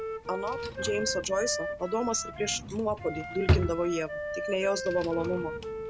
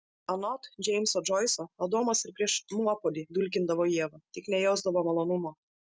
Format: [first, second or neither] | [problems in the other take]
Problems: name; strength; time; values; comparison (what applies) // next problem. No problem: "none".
second | background sound (Drawer open or close + Wind instrument, woodwind instrument); 2 dB below the speech